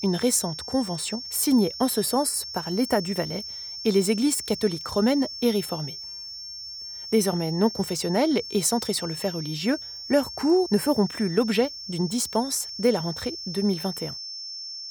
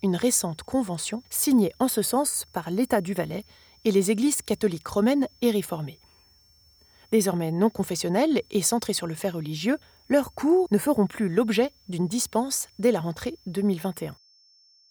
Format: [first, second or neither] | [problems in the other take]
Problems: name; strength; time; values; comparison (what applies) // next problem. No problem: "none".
second | high-pitched whine; loud; throughout; 5.5 kHz, 9 dB below the speech; faint in the second